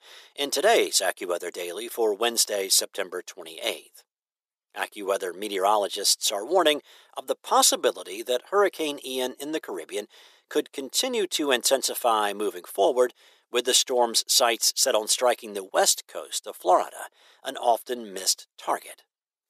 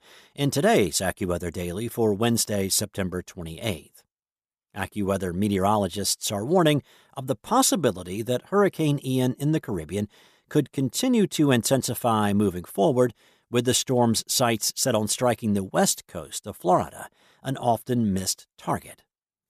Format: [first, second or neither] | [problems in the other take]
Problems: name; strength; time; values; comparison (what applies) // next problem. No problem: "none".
second | thin; very; fading below 400 Hz